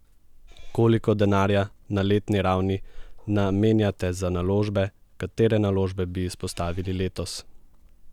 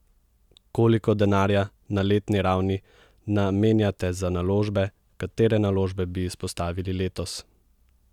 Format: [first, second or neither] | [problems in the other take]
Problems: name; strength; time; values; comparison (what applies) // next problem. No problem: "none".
second | background sound (Meow / Purr); 17 dB below the speech